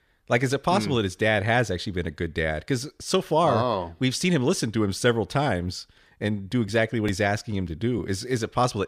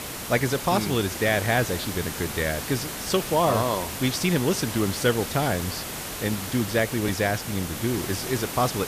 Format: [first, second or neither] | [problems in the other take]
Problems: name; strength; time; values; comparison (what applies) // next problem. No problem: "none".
first | hiss; loud; throughout; 6 dB below the speech